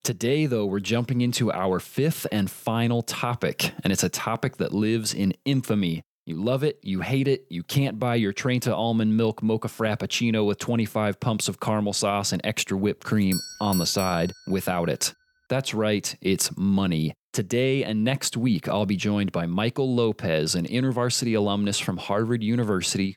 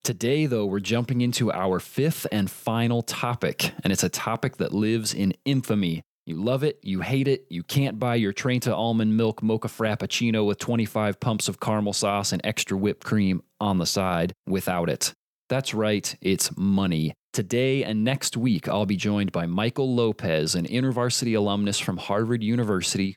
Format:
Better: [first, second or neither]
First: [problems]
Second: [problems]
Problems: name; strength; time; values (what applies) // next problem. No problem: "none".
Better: second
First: doorbell; noticeable; from 13 to 14 s; peak 7 dB below the speech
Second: none